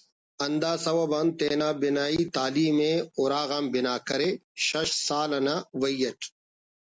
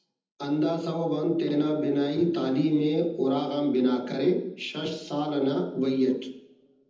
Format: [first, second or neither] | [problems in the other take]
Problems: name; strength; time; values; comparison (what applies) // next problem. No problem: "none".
first | room echo; dies away in 0.8 s